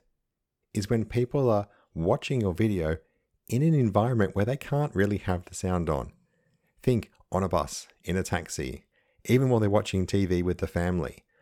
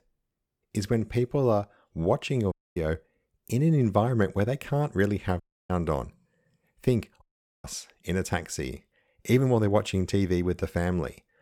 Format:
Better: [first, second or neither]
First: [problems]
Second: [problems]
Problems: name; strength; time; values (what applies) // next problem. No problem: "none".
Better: first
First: none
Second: audio cutting out; at 2.5 s, at 5.5 s and at 7 s